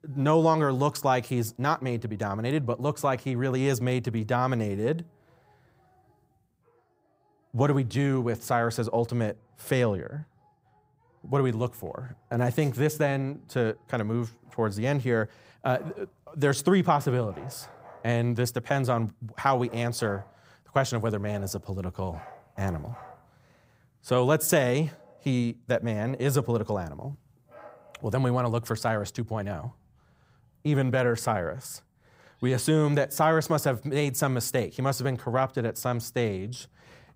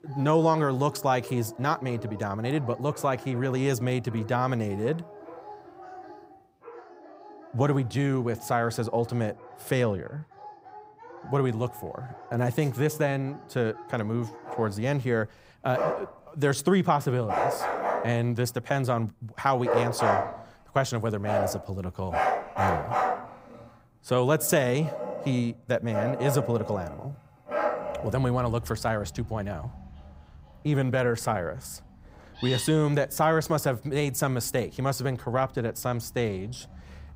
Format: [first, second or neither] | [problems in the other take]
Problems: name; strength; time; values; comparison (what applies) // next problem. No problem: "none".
first | animal sounds; loud; throughout; 6 dB below the speech; faint in the first